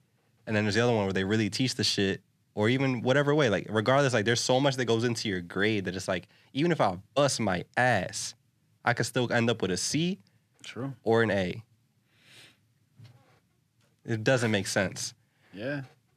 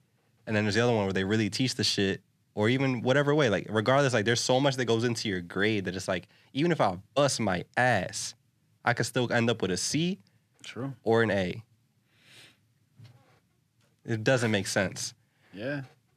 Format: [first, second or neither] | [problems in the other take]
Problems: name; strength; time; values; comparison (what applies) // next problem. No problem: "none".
neither | none